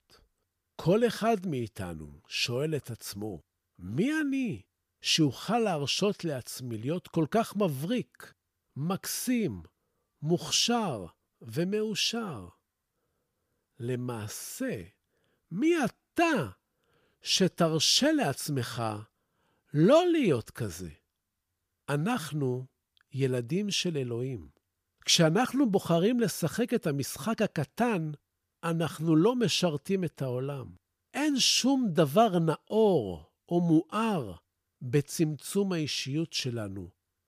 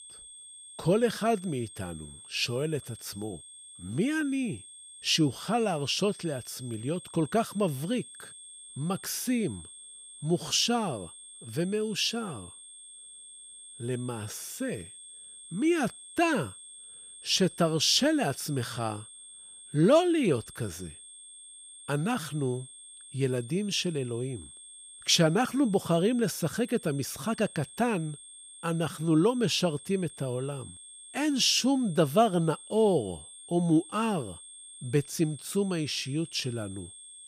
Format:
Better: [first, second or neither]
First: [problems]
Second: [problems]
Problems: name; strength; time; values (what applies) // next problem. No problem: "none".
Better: first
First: none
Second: high-pitched whine; noticeable; throughout; 8.5 kHz, 15 dB below the speech